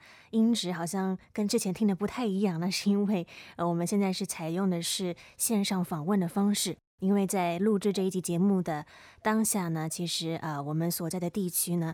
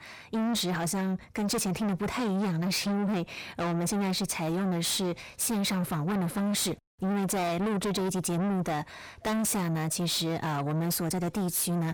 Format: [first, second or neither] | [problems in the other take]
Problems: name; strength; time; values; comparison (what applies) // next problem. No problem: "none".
first | distortion; heavy; 5 dB below the speech